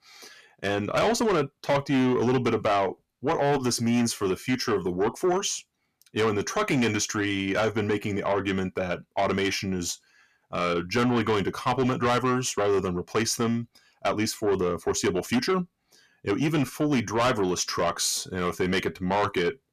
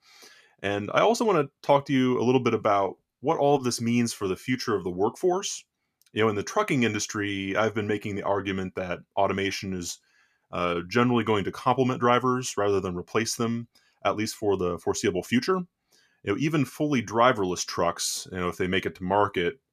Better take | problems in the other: second | distortion; heavy; 8 dB below the speech

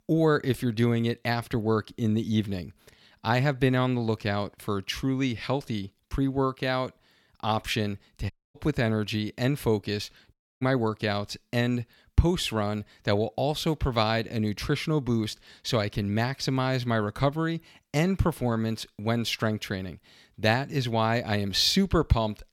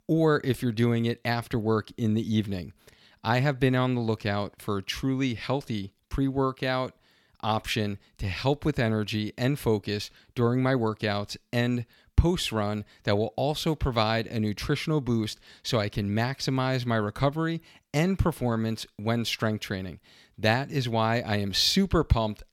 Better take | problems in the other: second | audio cutting out; at 8.5 s and at 10 s

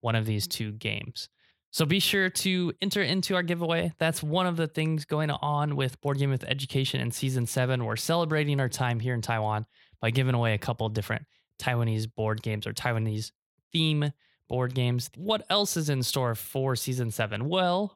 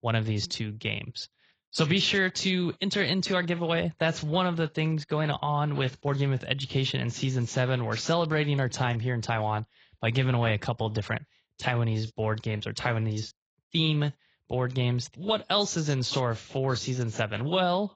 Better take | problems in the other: first | garbled, watery; badly; nothing above 7.5 kHz

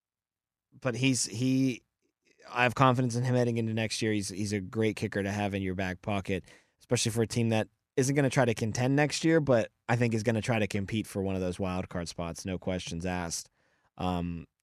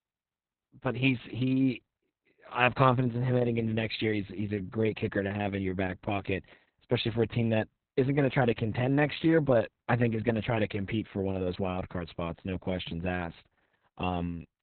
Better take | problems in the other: first | garbled, watery; badly; nothing above 4 kHz

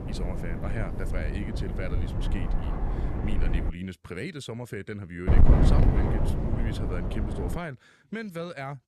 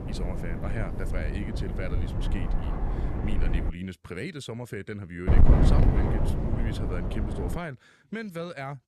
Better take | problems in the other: neither | wind noise on the microphone; heavy; until 3.5 s and from 5.5 to 7.5 s; 1 dB above the speech; the same in both

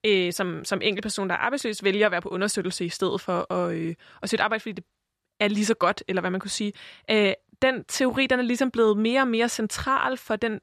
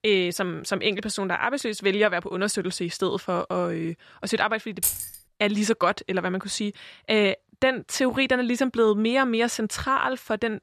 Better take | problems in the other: first | jangling keys; loud; at 5 s; peak level with the speech

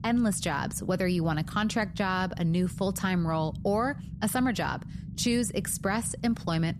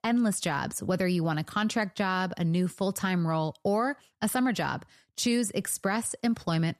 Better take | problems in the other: second | low rumble; faint; throughout; 20 dB below the speech

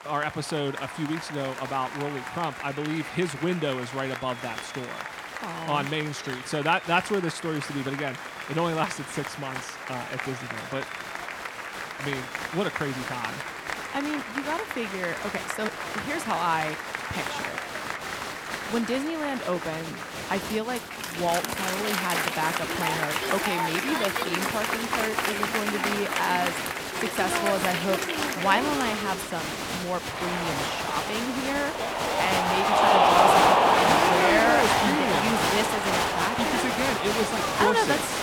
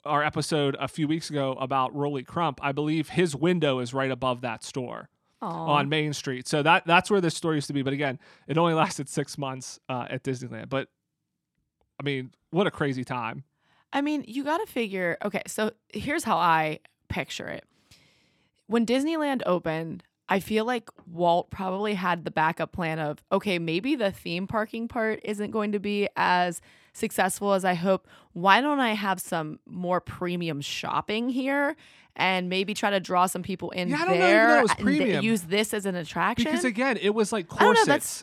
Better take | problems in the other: second | crowd noise; very loud; throughout; 2 dB above the speech

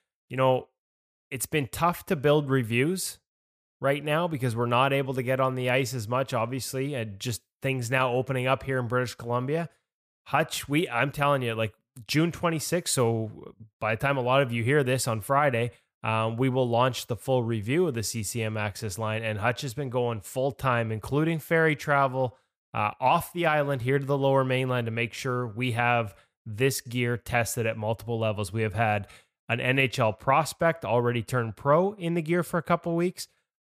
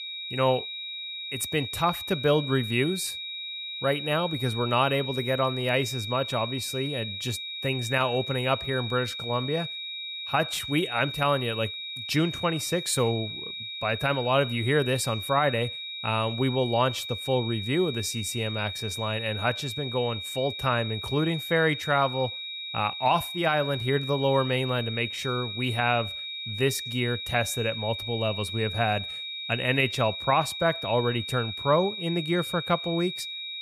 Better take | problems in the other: first | high-pitched whine; loud; throughout; 4 kHz, 6 dB below the speech

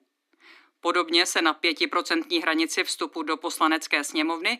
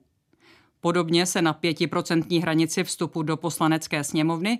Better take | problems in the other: second | thin; somewhat; fading below 250 Hz

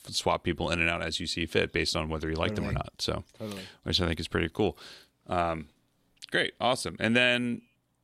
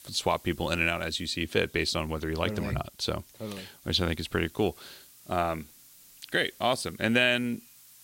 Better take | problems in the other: first | hiss; faint; throughout; 25 dB below the speech

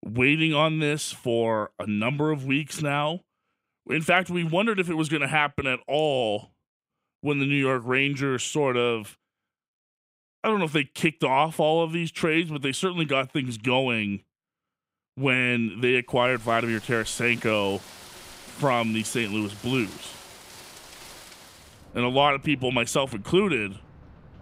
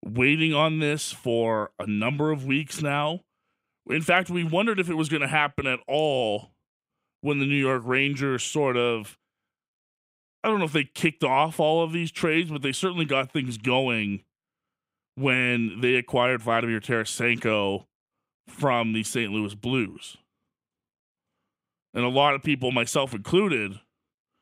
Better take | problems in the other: second | rain or running water; faint; from 16 s on; 20 dB below the speech

